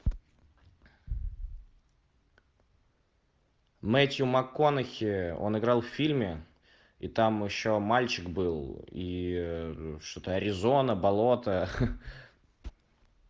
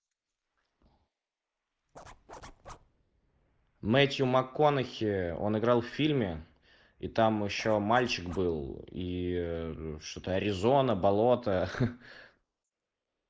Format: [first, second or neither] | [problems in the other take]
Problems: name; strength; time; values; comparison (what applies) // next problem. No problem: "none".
first | noise reduction (neural mask model Resemble Enhance denoiser)